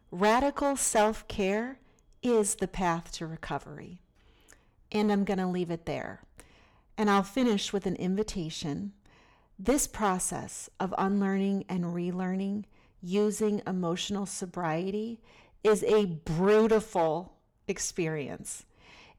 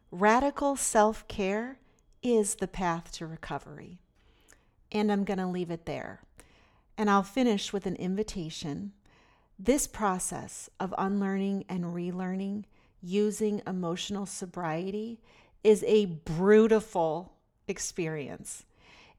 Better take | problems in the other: second | distortion; slight; 3% of the sound clipped

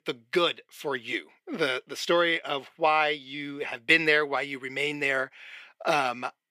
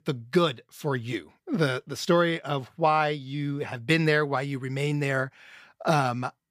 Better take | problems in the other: second | thin; somewhat; fading below 400 Hz

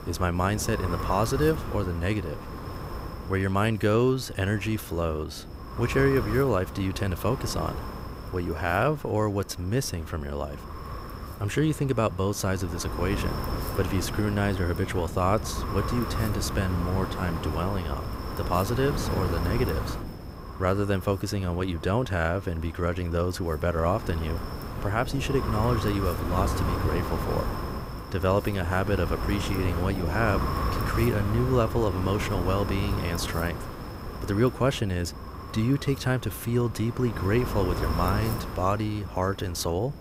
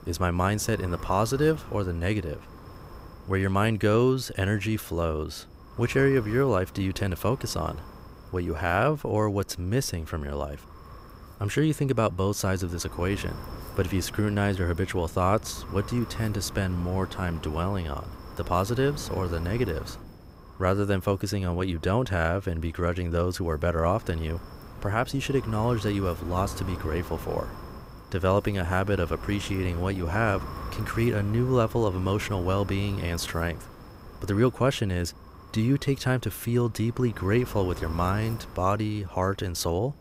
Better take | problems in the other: second | wind noise on the microphone; heavy; 7 dB below the speech; occasional gusts in the second

